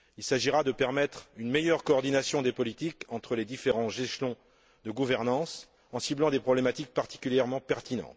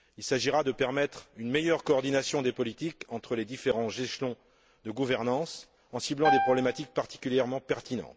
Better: first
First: none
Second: background sound (Piano); 1 dB below the speech

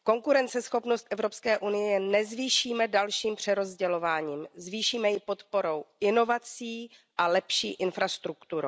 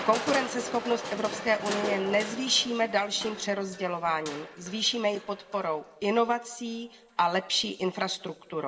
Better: first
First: none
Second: background sound (Crushing); 10 dB below the speech // room echo; dies away in 1.3 s

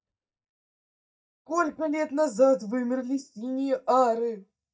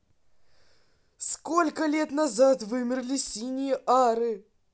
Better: second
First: noise reduction (neural mask model DeepFilterNet 3)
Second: none

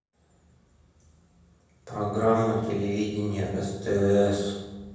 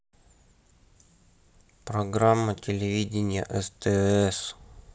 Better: second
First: room echo; dies away in 1.1 s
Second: none

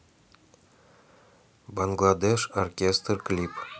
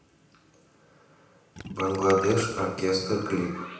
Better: first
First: none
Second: background sound (Gurgling); 12 dB below the speech // room echo; dies away in 0.9 s

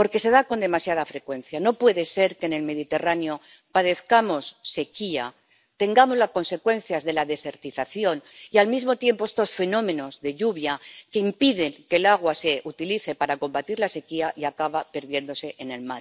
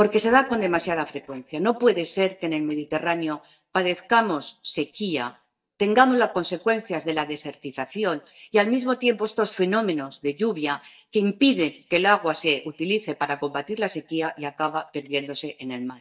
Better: first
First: none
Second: noise reduction (neural mask model DeepFilterNet 3)

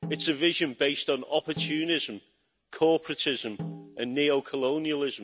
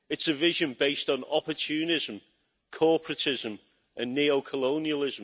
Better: second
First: background sound (Snare drum); 15 dB below the speech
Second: none

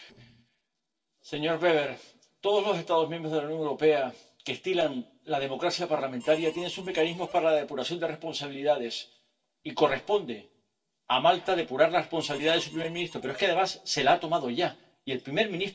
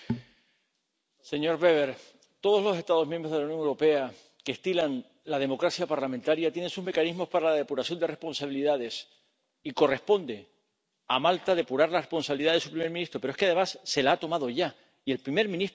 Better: second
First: noise reduction (neural separator model SepFormer DNS4)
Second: none

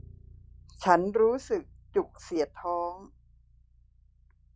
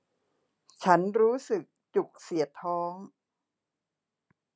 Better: second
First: noise reduction (classical method log-MMSE)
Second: none

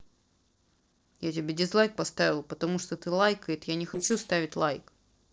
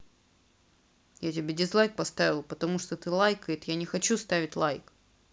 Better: second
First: noise reduction (neural separator model SepFormer DNS4)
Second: none

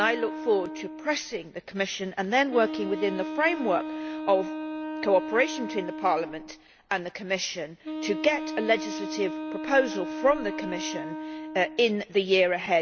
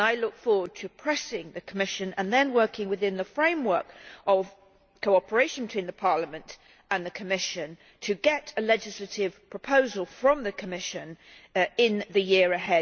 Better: second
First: background sound (Wind instrument, woodwind instrument); 8 dB below the speech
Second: none

